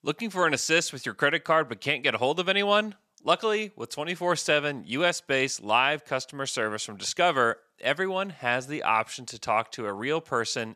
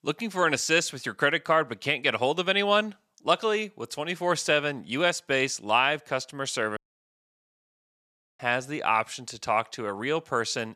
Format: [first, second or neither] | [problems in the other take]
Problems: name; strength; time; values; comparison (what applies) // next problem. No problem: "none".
first | audio cutting out; at 7 s for 1.5 s